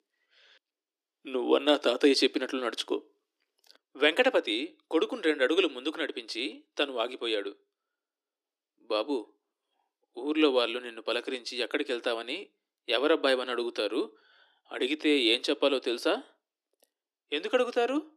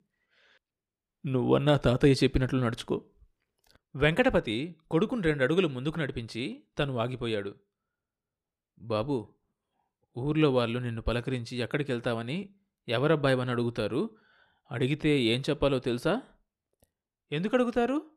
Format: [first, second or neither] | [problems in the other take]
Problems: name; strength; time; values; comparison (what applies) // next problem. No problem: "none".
second | thin; somewhat; fading below 300 Hz